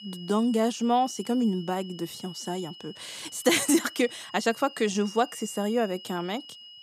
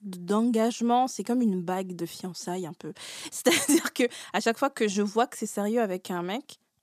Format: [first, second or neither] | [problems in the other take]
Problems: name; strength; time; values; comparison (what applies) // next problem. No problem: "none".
second | high-pitched whine; noticeable; throughout; 3 kHz, 15 dB below the speech